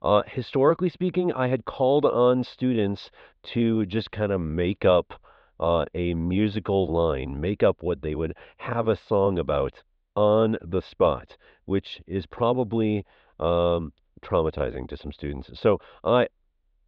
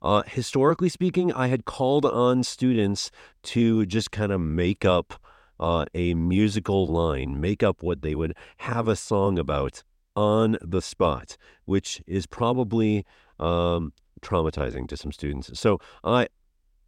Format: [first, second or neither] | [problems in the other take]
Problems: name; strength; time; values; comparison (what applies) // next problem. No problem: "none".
second | muffled; very; fading above 4 kHz